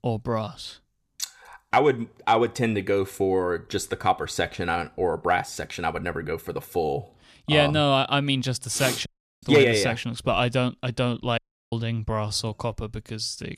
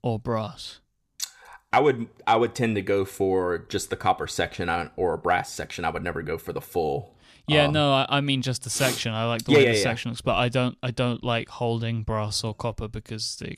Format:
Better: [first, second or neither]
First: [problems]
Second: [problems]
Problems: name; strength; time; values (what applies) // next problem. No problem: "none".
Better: second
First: audio cutting out; at 9 s and at 11 s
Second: none